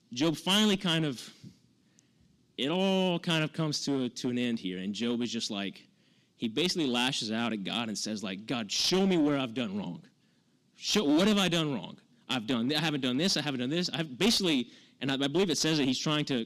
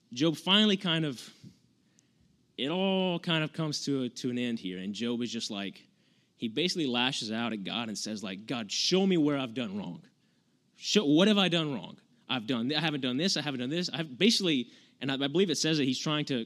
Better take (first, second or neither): second